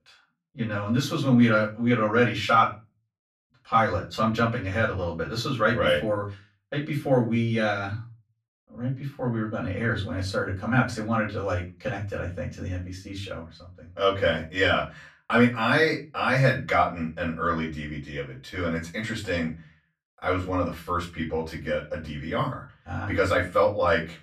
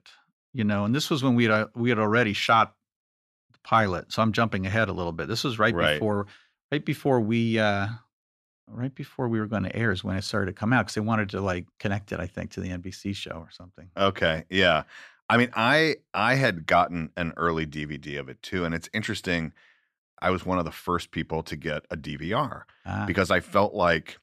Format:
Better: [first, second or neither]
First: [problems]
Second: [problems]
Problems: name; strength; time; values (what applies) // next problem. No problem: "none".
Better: second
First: off-mic speech; far // room echo; very slight; dies away in 0.3 s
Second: none